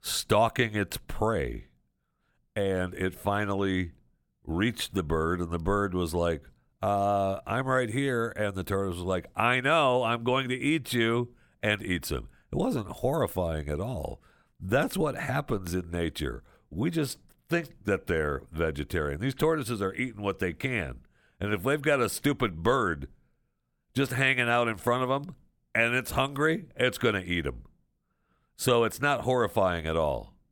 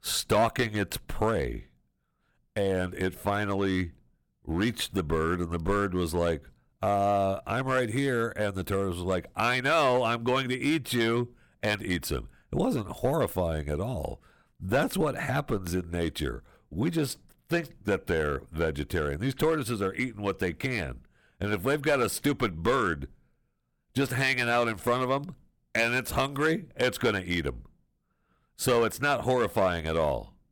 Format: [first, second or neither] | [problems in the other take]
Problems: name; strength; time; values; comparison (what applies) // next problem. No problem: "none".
first | distortion; slight; 3% of the sound clipped